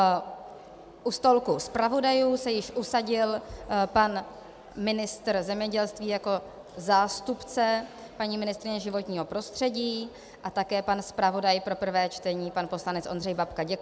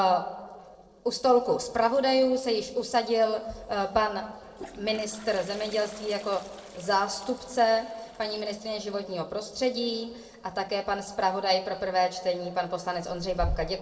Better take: first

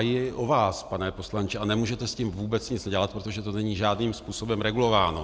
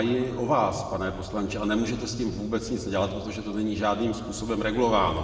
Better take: first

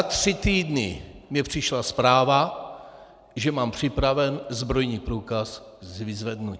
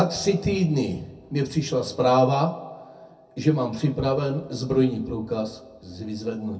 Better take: first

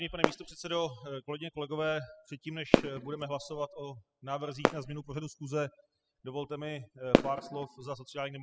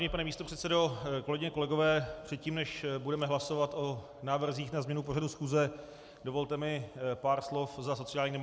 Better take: second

